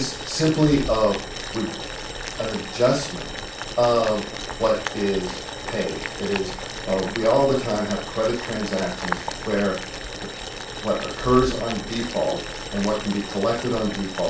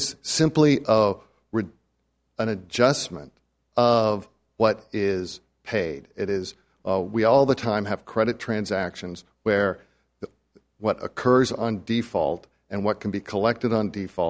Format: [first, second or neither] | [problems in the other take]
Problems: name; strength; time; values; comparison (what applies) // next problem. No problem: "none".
second | background sound (Boiling); 8 dB below the speech // room echo; dies away in 0.4 s